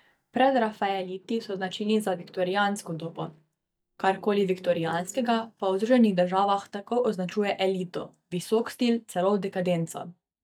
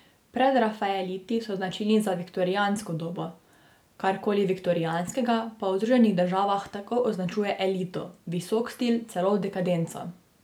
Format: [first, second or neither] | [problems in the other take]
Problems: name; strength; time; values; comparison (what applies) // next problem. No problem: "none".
second | noise reduction (neural mask model DeepFilterNet 3)